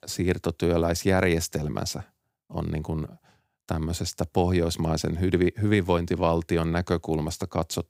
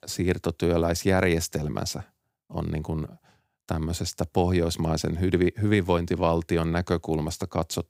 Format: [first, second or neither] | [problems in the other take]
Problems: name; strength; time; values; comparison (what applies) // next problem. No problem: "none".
neither | none